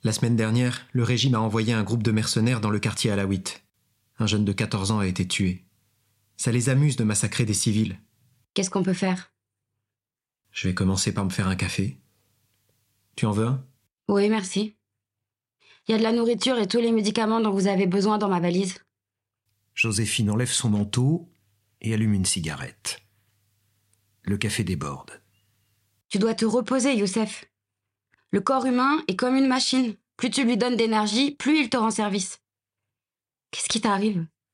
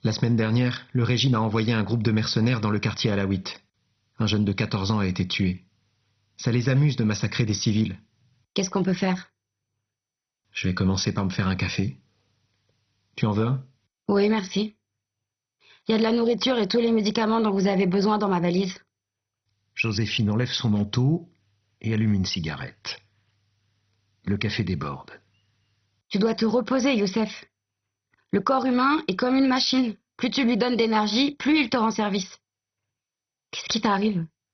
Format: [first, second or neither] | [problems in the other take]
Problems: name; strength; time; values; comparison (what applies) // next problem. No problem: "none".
first | garbled, watery; badly; nothing above 6 kHz